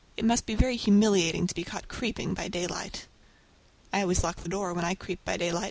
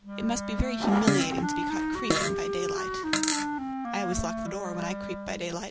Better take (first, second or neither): first